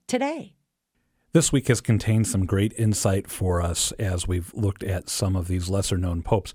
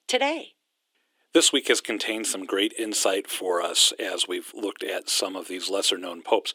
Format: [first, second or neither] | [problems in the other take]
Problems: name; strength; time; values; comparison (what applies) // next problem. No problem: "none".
first | thin; very; fading below 300 Hz